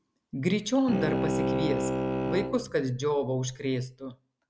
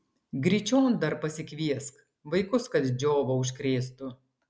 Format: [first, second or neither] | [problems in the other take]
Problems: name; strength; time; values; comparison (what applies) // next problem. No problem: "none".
second | background sound (Bowed string instrument); 1 dB below the speech